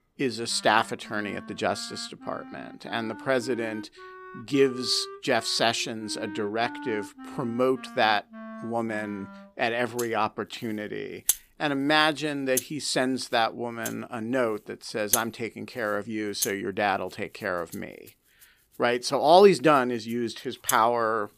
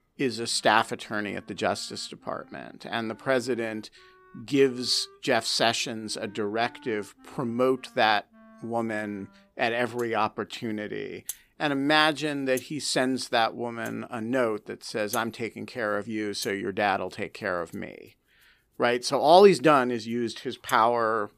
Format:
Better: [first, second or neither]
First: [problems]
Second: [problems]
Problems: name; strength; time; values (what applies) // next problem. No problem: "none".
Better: second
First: background music; loud; throughout; 9 dB below the speech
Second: background music; faint; throughout; 20 dB below the speech